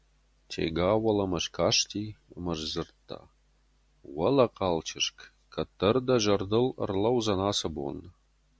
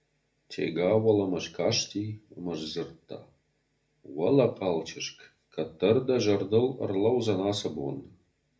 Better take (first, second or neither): first